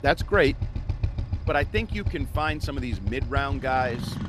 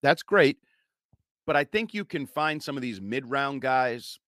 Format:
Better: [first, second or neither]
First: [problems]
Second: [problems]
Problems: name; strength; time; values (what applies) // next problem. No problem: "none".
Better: second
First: traffic noise; loud; throughout; 5 dB below the speech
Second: none